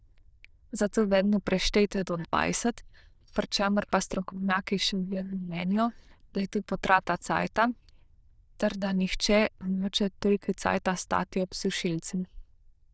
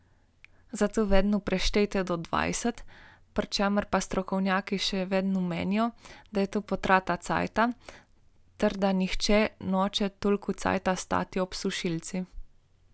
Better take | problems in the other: second | noise reduction (neural diffusion model UNIVERSE++)

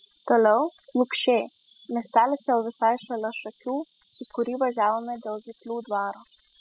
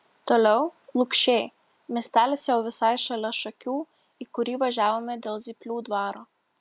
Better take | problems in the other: second | noise reduction (classical method spectral subtraction)

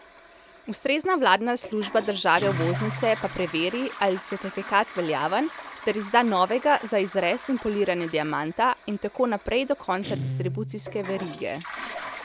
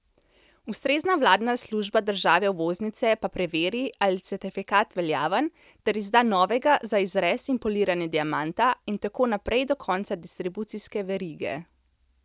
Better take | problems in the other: second | background sound (Toilet flush + Guitar); 11 dB below the speech

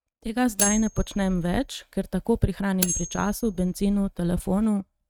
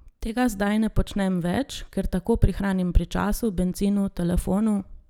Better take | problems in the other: second | noise reduction (neural mask model RNNoise)

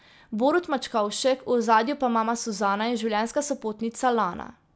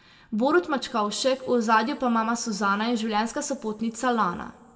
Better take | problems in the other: first | room echo; dies away in 0.9 s

